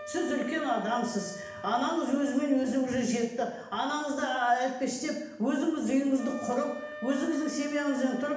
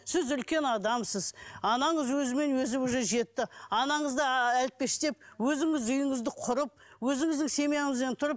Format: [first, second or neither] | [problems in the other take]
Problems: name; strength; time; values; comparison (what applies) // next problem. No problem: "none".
second | background sound (Wind instrument, woodwind instrument); 15 dB below the speech // room echo; dies away in 0.8 s